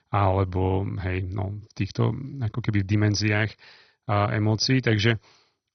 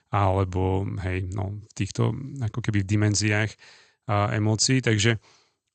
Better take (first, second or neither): second